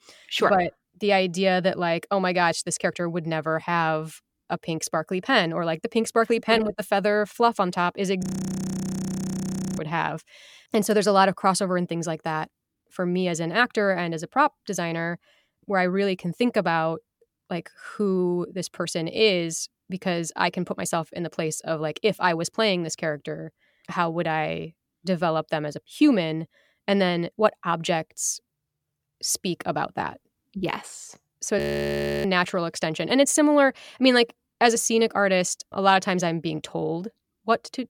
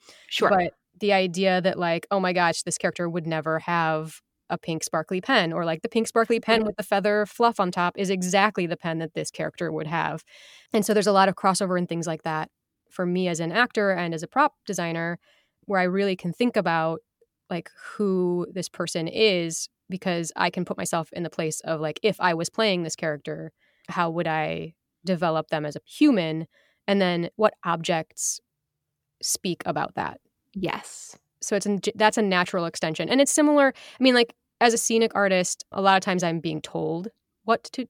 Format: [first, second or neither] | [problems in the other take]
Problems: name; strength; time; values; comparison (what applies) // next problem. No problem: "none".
second | audio freezing; at 8 s for 1.5 s and at 32 s for 0.5 s